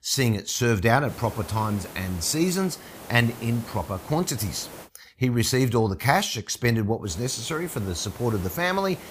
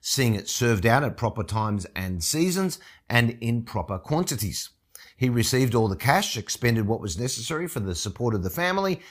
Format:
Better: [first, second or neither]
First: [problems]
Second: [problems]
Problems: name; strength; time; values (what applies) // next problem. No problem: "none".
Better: second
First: hiss; noticeable; from 1 to 5 s and from 7 s on; 15 dB below the speech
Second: none